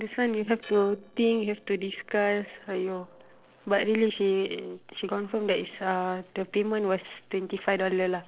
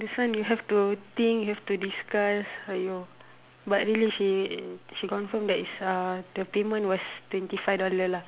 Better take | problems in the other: second | noise reduction (neural separator model SepFormer DNS4)

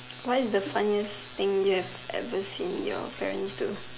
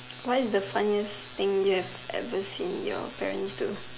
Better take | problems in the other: second | background sound (Splash, splatter); 19 dB below the speech

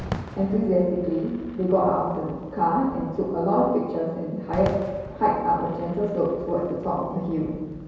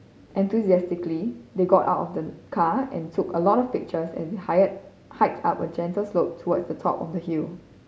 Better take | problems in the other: second | background sound (Fireworks); 14 dB below the speech // room echo; dies away in 1.2 s

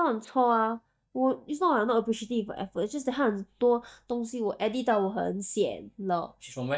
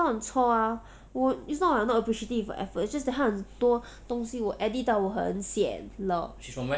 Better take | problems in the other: second | noise reduction (neural mask model DeepFilterNet 3)

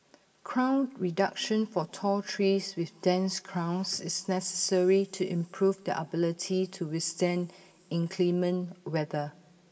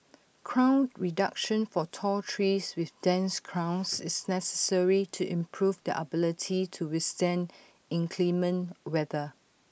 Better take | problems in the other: second | room echo; dies away in 1.9 s

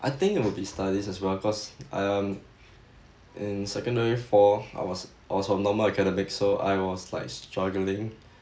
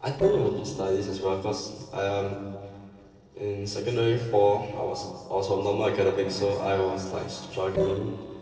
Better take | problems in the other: first | noise reduction (neural separator model SepFormer DNS4)

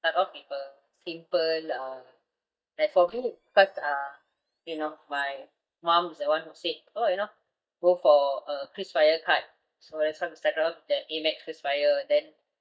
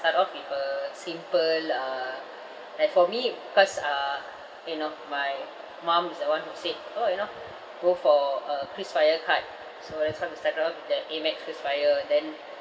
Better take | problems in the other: second | noise reduction (neural mask model DeepFilterNet 3)

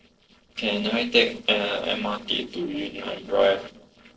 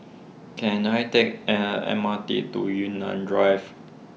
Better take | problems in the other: second | noise reduction (neural separator model SepFormer DNS4)

